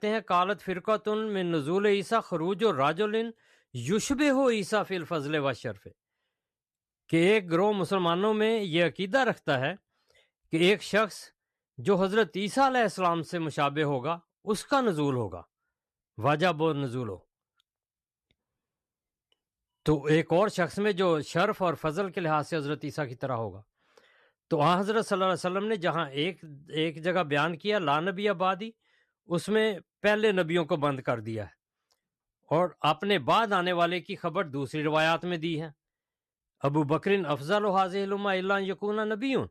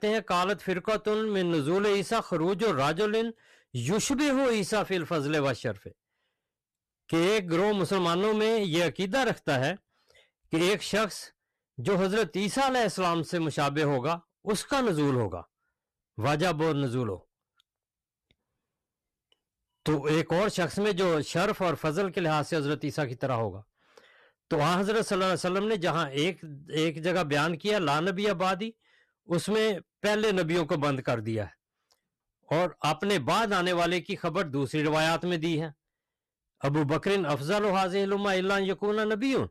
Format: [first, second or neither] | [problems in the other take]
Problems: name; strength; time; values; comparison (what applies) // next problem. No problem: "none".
first | distortion; heavy; 16% of the sound clipped